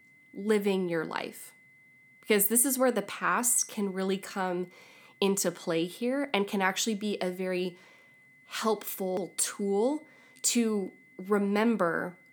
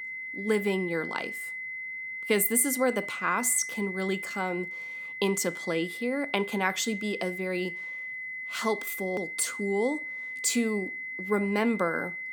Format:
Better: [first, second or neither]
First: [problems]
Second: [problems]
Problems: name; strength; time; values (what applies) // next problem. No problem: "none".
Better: first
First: high-pitched whine; faint; throughout; 2 kHz, 30 dB below the speech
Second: high-pitched whine; loud; throughout; 2 kHz, 6 dB below the speech